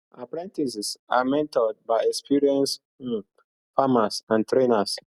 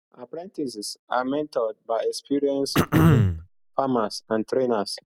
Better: first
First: none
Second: background sound (Cough); 4 dB above the speech

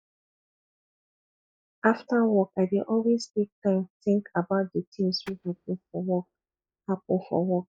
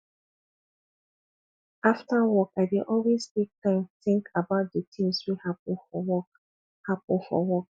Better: second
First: noise reduction (neural mask model DeepFilterNet 3)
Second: none

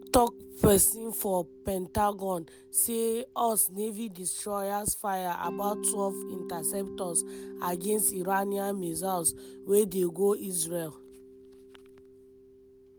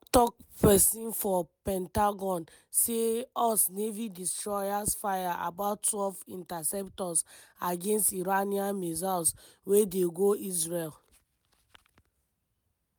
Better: second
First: background sound (Mallet percussion); 14 dB below the speech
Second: none

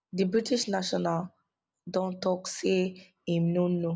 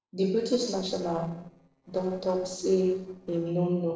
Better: first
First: none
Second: noise reduction (neural separator model SepFormer DNS4)

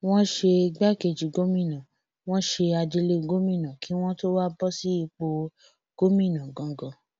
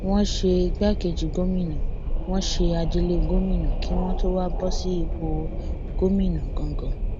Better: first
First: none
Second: background sound (Wind); 1 dB above the speech

